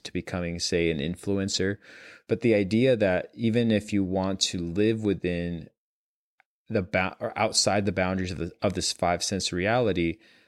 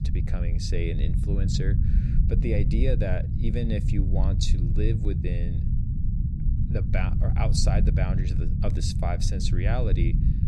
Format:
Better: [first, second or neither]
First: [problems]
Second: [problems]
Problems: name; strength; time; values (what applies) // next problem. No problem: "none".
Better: first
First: none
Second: low rumble; loud; throughout; 5 dB below the speech